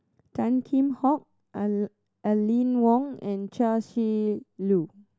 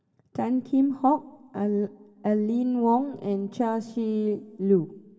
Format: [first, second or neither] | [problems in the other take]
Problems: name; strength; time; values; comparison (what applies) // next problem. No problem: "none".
first | room echo; dies away in 1.7 s